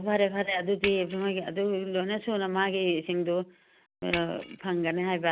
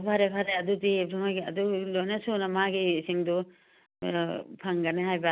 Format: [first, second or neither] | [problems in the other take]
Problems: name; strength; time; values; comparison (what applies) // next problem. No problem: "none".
second | background sound (Shatter); 12 dB below the speech